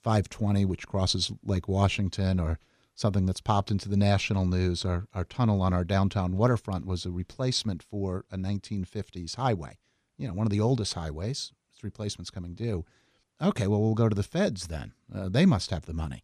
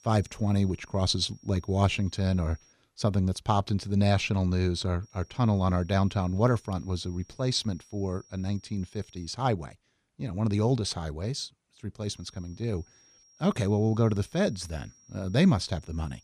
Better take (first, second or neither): first